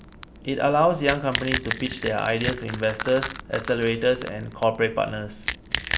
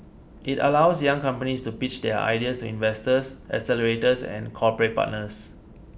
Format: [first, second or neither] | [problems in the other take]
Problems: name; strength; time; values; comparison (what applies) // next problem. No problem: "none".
second | background sound (Crack / Crushing); 8 dB below the speech